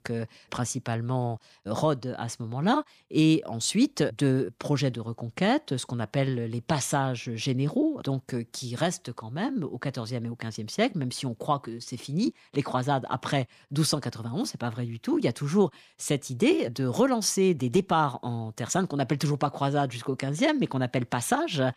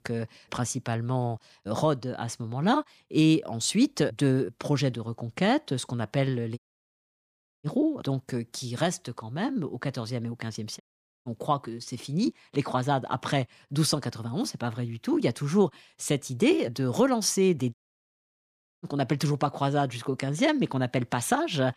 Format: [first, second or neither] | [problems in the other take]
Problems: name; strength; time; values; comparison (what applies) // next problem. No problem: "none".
first | audio cutting out; at 6.5 s for 1 s, at 11 s and at 18 s for 1 s